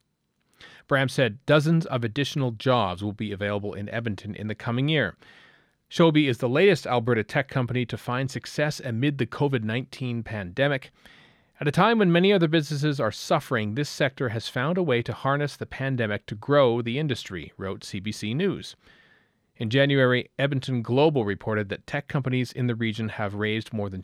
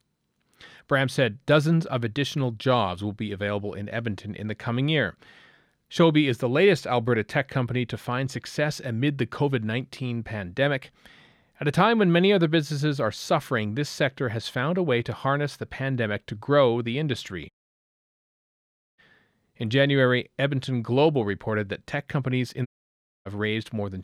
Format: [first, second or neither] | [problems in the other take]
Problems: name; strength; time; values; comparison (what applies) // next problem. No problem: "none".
first | audio cutting out; at 18 s for 1.5 s and at 23 s for 0.5 s